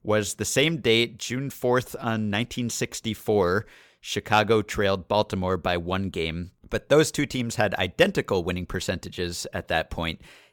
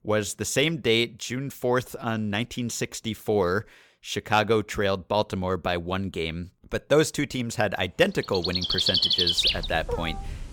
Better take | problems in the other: first | animal sounds; very loud; from 8.5 s on; 3 dB above the speech

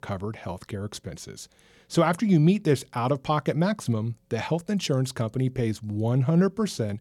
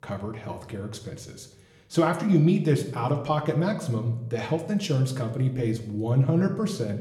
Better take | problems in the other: first | room echo; slight; dies away in 0.6 s

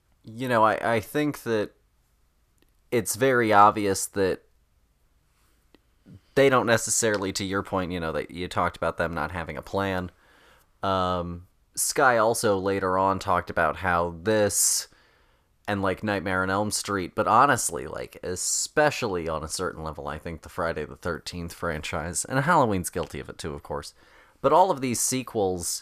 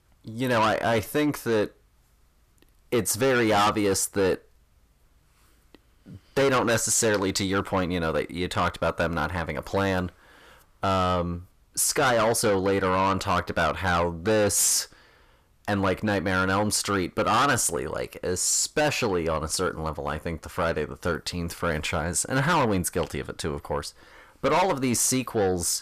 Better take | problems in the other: first | distortion; heavy; 7 dB below the speech

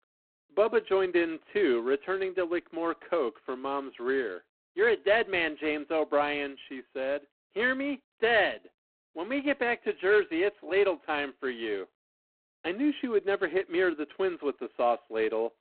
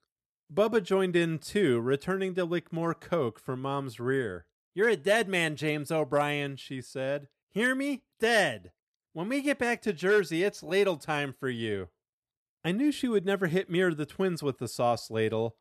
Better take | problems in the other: second | phone-call audio; poor line

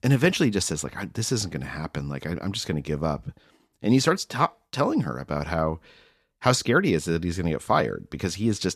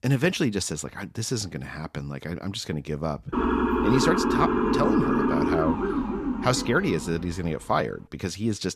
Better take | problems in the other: first | siren; loud; from 3.5 to 7.5 s; peak 4 dB above the speech

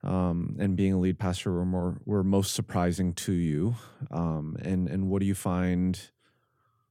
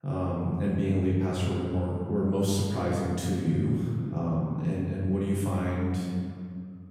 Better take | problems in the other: first | room echo; noticeable; dies away in 1.9 s // off-mic speech; far

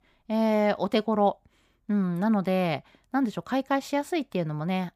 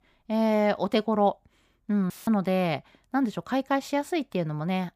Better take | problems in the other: first | audio cutting out; filled with static; at 2 s

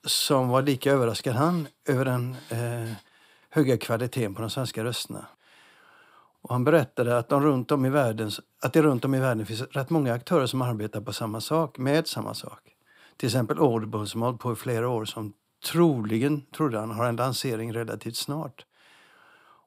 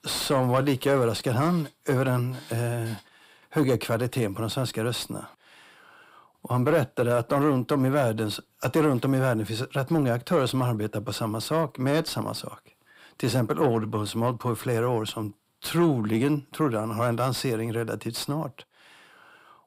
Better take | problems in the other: first | distortion; slight; 10 dB below the speech

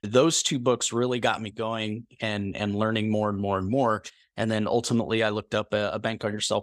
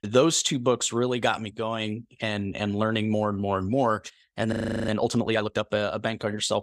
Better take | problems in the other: first | audio freezing; at 4.5 s

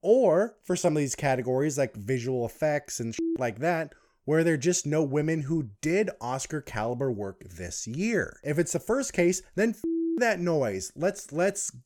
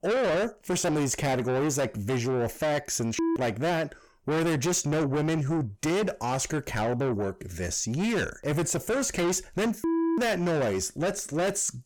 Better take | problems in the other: first | distortion; heavy; 6 dB below the speech

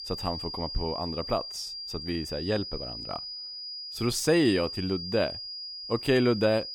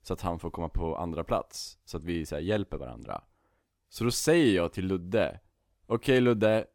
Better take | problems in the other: second | high-pitched whine; loud; throughout; 5 kHz, 7 dB below the speech

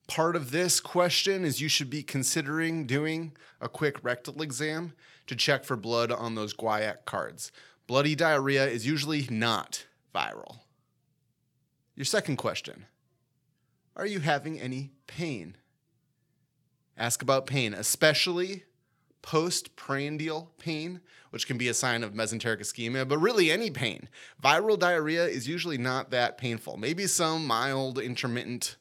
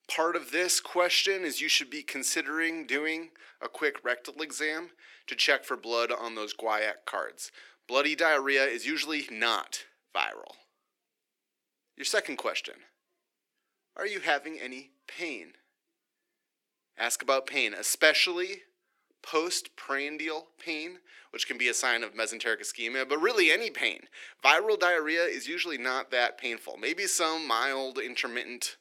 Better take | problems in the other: first | thin; somewhat; fading below 300 Hz

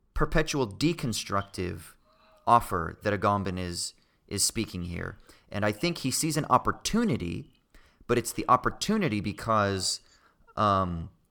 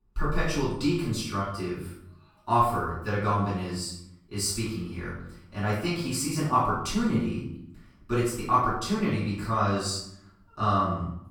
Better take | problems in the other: first | off-mic speech; far // room echo; noticeable; dies away in 0.7 s

